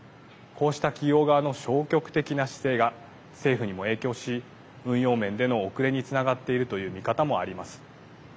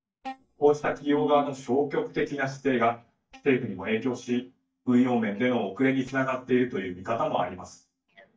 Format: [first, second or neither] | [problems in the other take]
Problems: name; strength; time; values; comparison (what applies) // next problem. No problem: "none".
first | noise reduction (neural mask model DeepFilterNet 3)